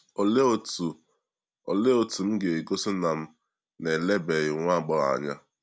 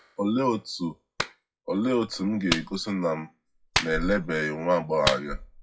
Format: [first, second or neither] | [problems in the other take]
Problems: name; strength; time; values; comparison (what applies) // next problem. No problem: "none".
first | noise reduction (classical method WPE with log-MMSE)